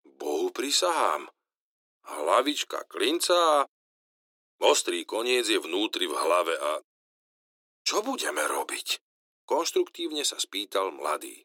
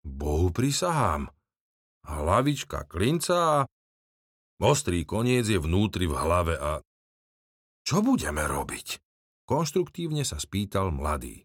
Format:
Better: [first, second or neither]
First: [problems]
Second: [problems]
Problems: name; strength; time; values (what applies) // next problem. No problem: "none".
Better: second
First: thin; very; fading below 300 Hz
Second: none